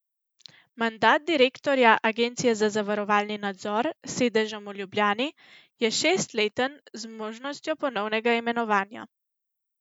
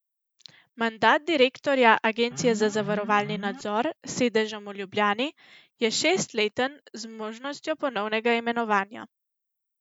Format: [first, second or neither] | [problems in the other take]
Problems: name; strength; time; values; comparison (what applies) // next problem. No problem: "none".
first | background sound (Alarm); 11 dB below the speech